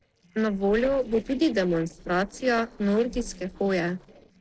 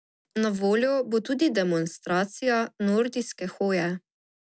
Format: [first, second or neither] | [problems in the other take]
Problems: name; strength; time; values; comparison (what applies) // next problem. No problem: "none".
second | noise reduction (neural separator model SepFormer DNS4)